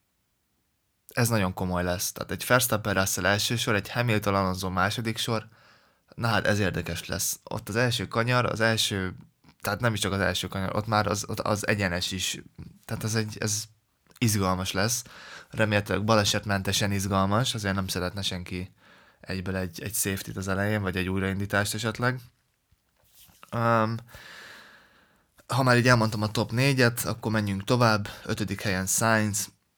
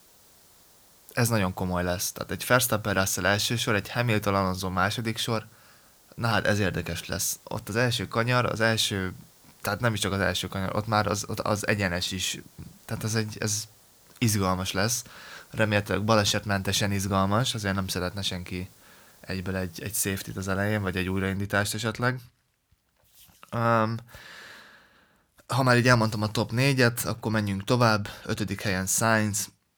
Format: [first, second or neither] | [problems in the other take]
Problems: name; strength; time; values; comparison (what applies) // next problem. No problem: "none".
first | hiss; faint; until 21 s; 30 dB below the speech